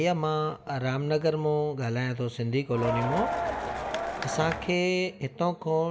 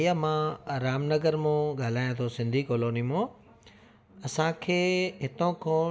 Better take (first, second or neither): second